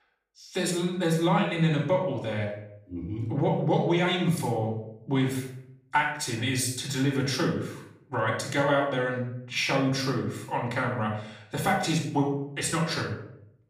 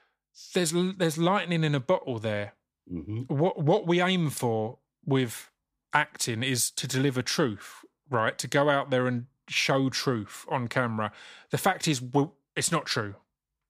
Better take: second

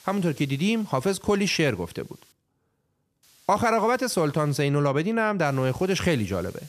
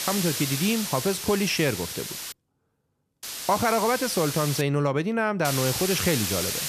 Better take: first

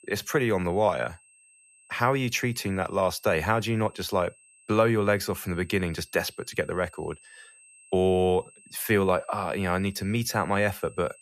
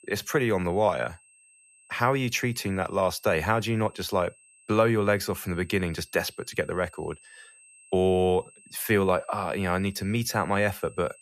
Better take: neither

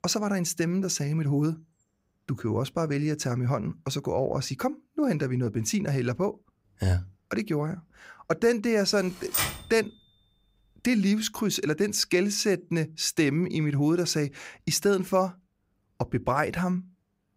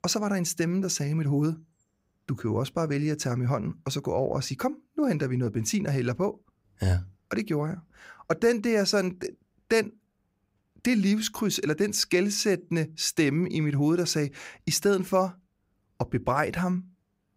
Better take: second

